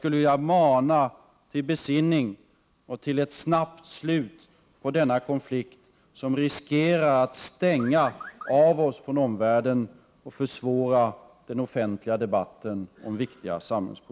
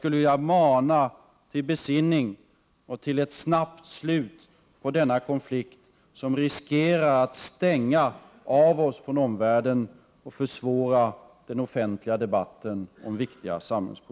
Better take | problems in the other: second | background sound (Car); 17 dB below the speech

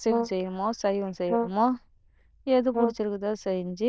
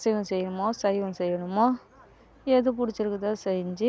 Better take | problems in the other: second | noise reduction (neural diffusion model UNIVERSE++)

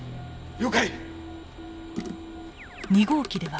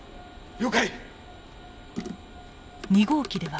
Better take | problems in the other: second | background sound (Keyboard (musical) + Guitar); 13 dB below the speech

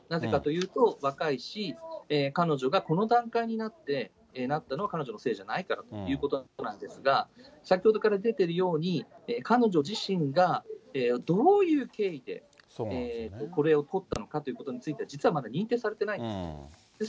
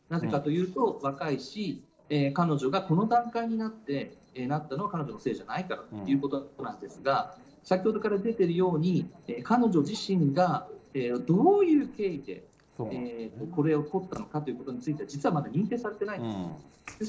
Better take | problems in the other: first | noise reduction (neural separator model SepFormer DNS4)

